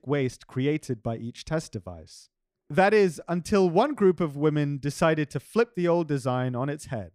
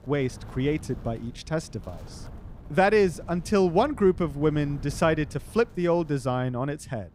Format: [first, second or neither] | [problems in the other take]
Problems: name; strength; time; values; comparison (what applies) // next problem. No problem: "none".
first | wind noise on the microphone; occasional gusts; 25 dB below the speech